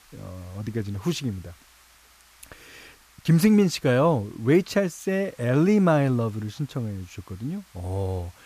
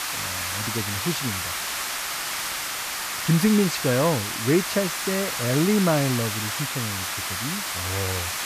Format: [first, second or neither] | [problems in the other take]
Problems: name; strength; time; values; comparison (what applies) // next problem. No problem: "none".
first | hiss; loud; throughout; 2 dB below the speech; faint in the first